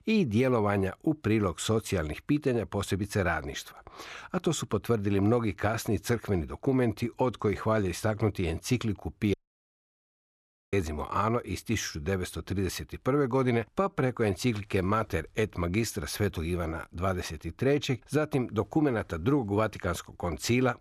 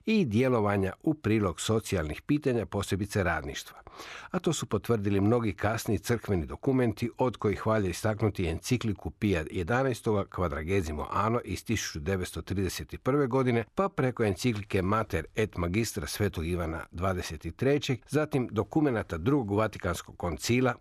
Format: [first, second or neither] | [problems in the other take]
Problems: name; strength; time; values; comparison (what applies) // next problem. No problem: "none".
second | audio cutting out; at 9.5 s for 1.5 s